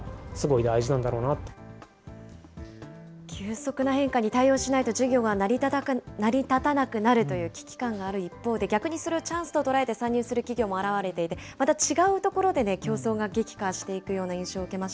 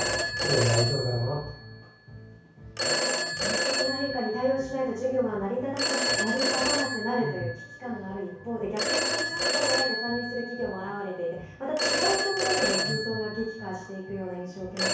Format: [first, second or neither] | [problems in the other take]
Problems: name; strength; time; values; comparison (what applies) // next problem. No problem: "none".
first | background sound (Telephone); as loud as the speech // room echo; dies away in 0.6 s